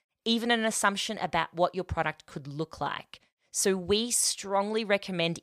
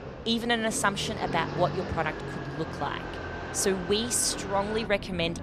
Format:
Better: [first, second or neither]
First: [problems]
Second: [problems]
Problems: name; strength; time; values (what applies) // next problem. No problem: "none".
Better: first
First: none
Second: traffic noise; loud; throughout; 8 dB below the speech